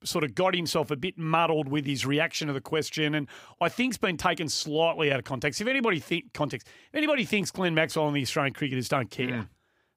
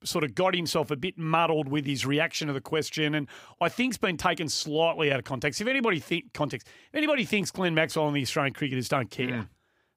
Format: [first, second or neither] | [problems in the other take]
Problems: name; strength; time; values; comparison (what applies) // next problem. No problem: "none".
neither | none